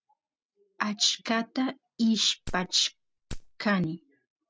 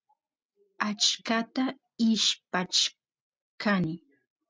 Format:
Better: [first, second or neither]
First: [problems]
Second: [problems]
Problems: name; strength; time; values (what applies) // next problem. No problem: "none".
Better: second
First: background sound (Wood); 11 dB below the speech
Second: none